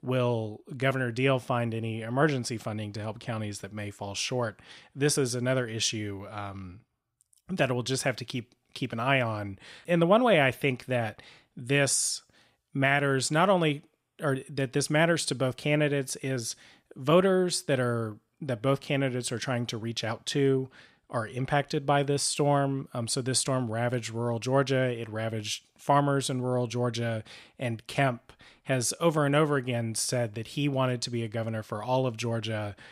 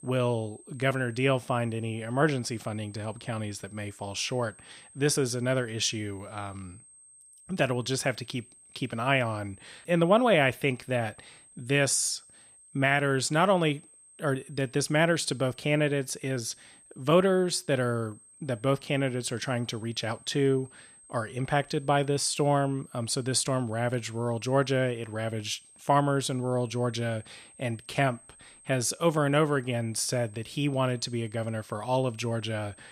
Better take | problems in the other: first | high-pitched whine; faint; throughout; 8.5 kHz, 25 dB below the speech

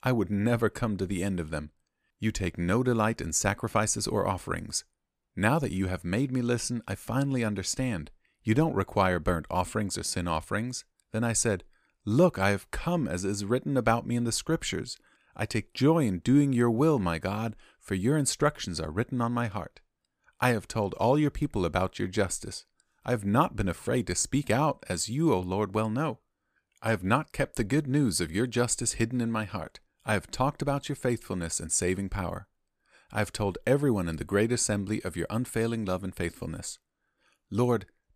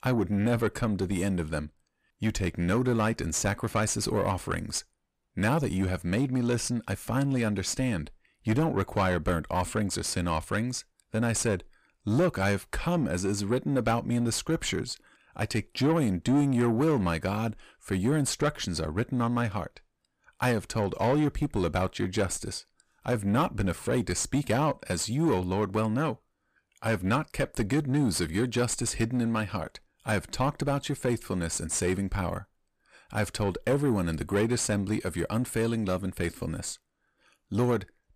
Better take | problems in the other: first | distortion; slight; 10 dB below the speech

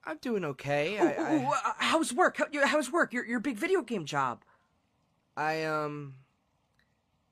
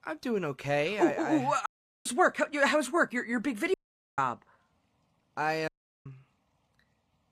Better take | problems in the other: first | audio cutting out; at 1.5 s, at 3.5 s and at 5.5 s

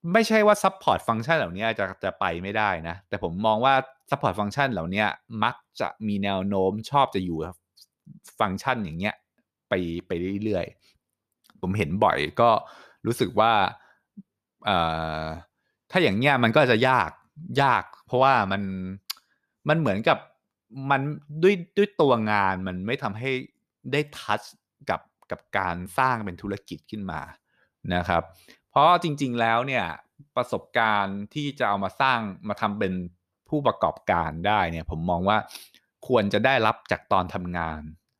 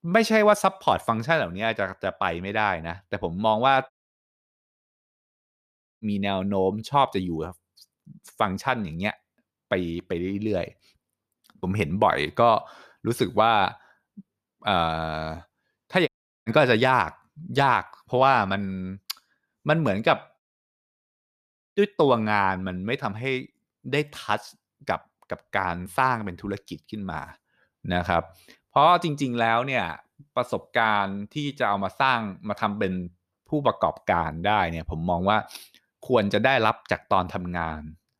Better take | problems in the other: first | audio cutting out; at 4 s for 2 s, at 16 s and at 20 s for 1.5 s

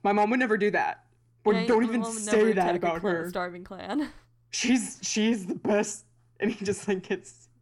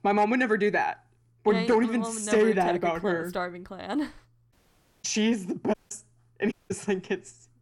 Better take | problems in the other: first | audio cutting out; at 4.5 s for 0.5 s, at 5.5 s and at 6.5 s

